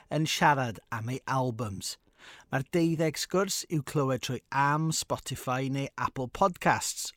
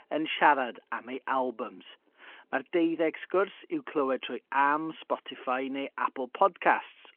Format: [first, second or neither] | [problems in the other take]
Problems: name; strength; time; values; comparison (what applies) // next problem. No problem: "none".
first | phone-call audio